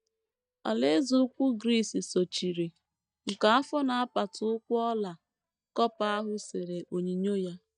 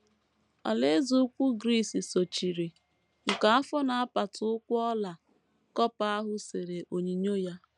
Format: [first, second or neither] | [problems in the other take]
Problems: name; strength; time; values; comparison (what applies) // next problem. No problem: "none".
second | noise reduction (neural mask model DeepFilterNet 3)